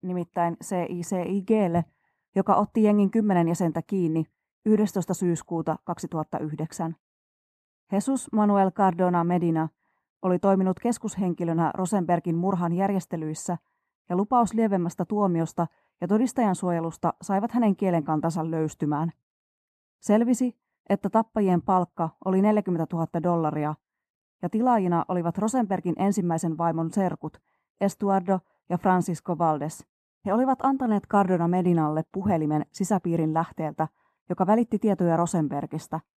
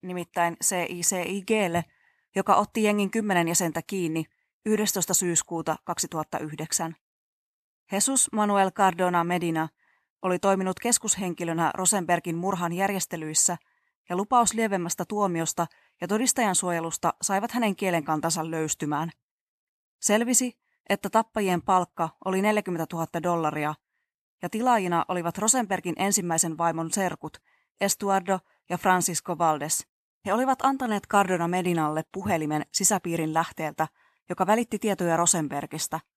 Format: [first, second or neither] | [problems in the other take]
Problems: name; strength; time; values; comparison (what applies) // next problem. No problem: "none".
second | muffled; very; fading above 1.5 kHz